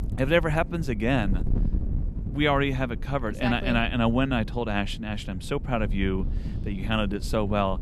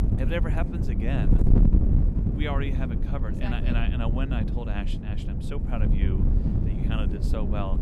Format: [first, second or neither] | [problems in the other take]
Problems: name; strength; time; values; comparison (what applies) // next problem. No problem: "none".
first | wind noise on the microphone; heavy; 2 dB below the speech; occasional gusts in the first